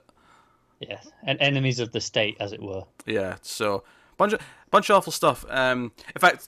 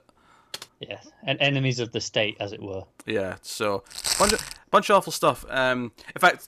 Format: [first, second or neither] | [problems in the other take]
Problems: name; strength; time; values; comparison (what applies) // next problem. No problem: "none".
first | keyboard typing; faint; at 0.5 s; peak 15 dB below the speech // footsteps; loud; at 4 s; peak 2 dB above the speech